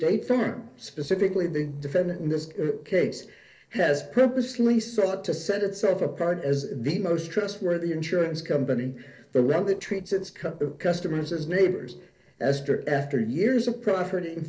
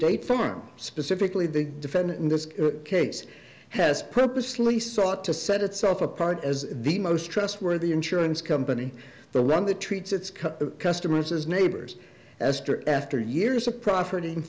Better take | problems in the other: second | noise reduction (neural separator model SepFormer DNS4)

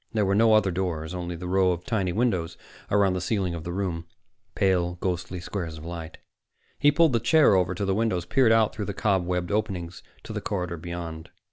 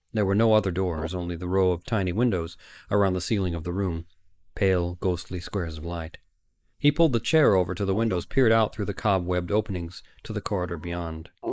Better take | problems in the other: first | noise reduction (neural mask model Resemble Enhance denoiser)

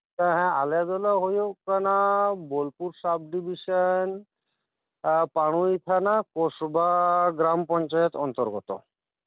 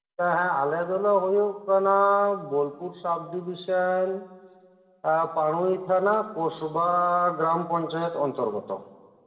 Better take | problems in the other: first | room echo; dies away in 2.2 s

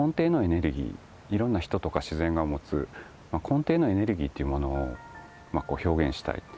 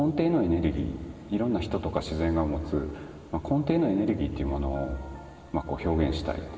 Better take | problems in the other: first | room echo; dies away in 2.8 s

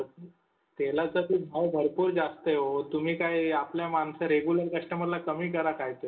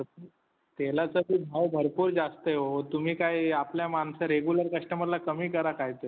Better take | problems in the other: second | room echo; dies away in 0.2 s

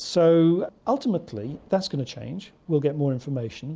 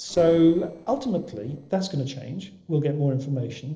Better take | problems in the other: first | noise reduction (neural separator model SepFormer DNS4)

